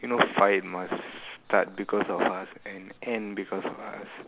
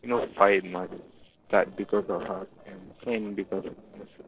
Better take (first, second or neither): first